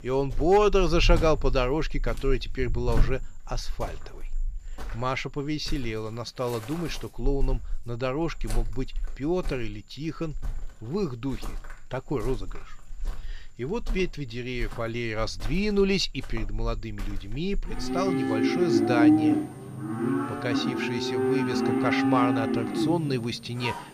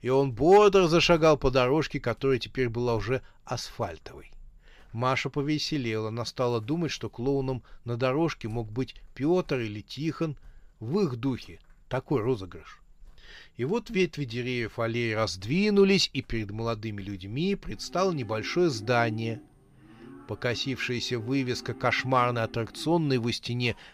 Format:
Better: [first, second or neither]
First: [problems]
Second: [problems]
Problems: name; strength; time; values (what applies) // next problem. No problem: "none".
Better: second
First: animal sounds; loud; throughout; as loud as the speech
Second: animal sounds; faint; throughout; 25 dB below the speech